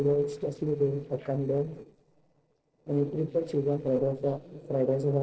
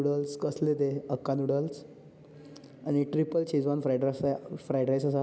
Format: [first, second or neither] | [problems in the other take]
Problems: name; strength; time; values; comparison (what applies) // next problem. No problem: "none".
second | noise reduction (neural separator model SepFormer DNS4)